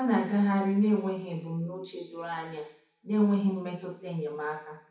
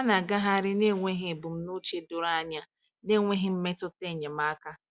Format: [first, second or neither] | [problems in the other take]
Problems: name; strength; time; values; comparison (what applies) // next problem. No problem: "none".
second | room echo; dies away in 0.6 s